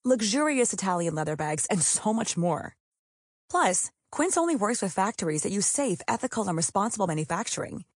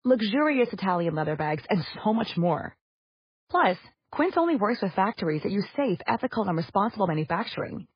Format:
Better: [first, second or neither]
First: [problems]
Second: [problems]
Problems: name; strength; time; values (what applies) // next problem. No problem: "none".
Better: first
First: garbled, watery; slightly; nothing above 8.5 kHz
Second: garbled, watery; badly; nothing above 5 kHz